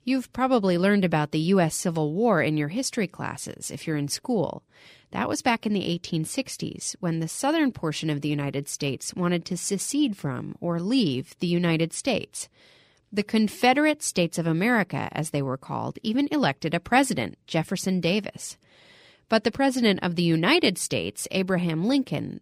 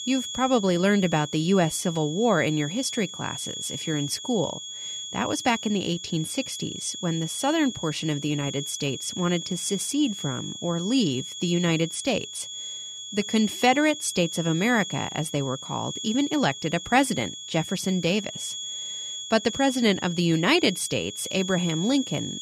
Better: first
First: none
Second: high-pitched whine; loud; throughout; 3.5 kHz, 8 dB below the speech

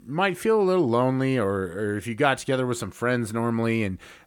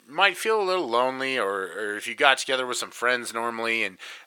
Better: first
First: none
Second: thin; very; fading below 550 Hz

